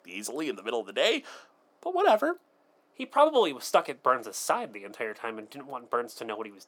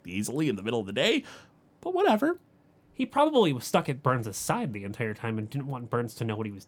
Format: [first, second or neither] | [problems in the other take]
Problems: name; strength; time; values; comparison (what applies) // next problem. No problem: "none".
second | thin; somewhat; fading below 350 Hz